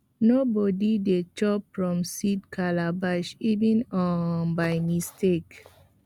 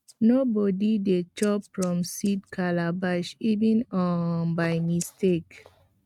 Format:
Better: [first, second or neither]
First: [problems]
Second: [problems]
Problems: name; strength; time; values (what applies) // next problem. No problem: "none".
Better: first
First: none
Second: noise reduction (neural mask model RNNoise)